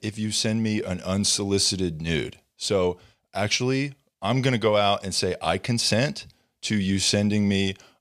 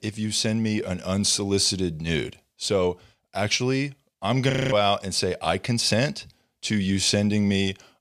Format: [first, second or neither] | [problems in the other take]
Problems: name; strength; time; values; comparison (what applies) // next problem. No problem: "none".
first | audio freezing; at 4.5 s